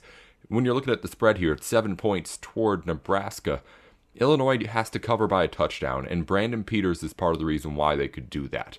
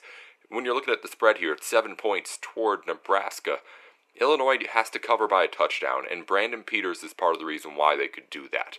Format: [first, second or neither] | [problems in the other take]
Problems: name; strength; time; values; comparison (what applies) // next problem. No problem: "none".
first | thin; very; fading below 400 Hz